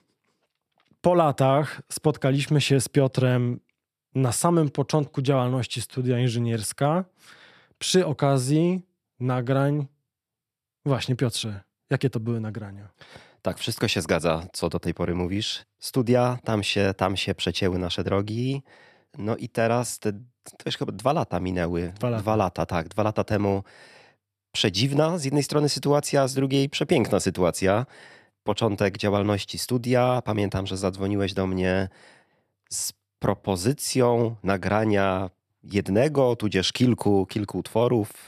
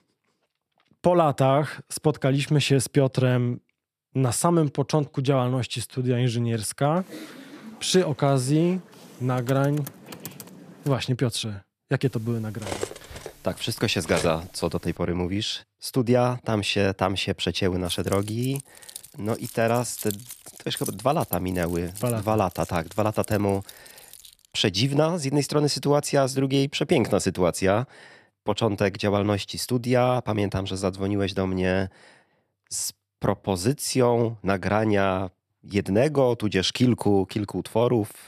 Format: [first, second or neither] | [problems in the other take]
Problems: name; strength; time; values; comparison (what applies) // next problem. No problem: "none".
first | keyboard typing; faint; from 7 to 11 s; peak 15 dB below the speech // clattering dishes; noticeable; from 13 to 14 s; peak 8 dB below the speech // jangling keys; noticeable; from 18 to 24 s; peak 10 dB below the speech